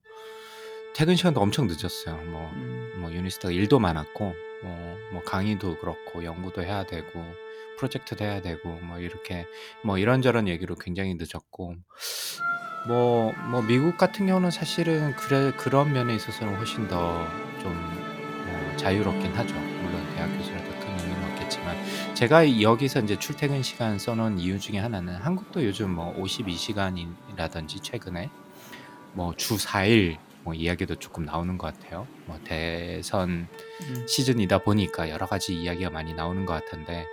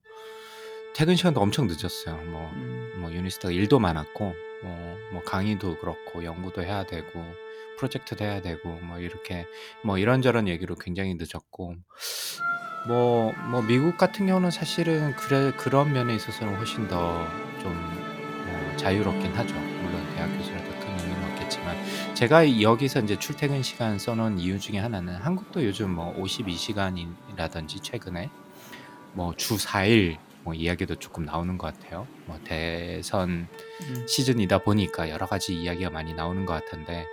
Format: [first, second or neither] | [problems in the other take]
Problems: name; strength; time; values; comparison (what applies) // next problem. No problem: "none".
neither | background music; noticeable; throughout; 10 dB below the speech; the same in both